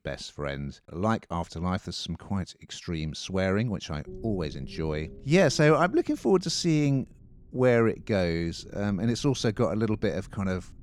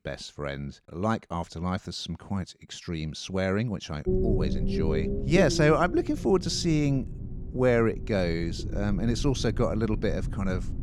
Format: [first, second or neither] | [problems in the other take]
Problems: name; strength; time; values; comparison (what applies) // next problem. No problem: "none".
first | low rumble; loud; from 4 s on; 8 dB below the speech; faint in the first